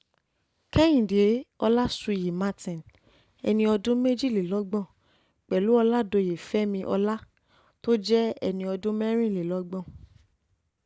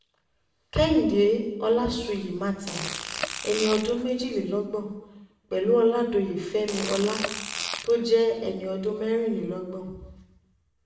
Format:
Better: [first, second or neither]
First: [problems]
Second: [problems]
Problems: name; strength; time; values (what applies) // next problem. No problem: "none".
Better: first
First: none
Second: background sound (Fart); 9 dB below the speech // room echo; dies away in 0.9 s